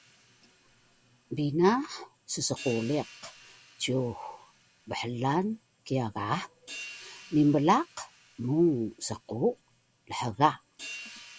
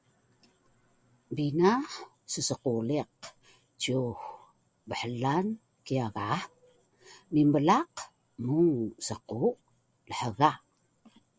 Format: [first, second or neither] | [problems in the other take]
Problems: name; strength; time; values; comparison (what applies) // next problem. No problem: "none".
second | background sound (Hi-hat); 20 dB below the speech